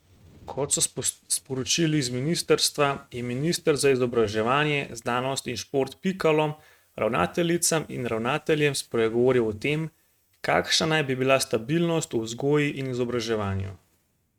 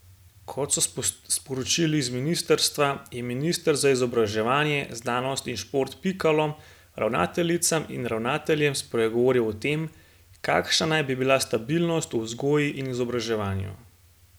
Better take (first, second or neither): second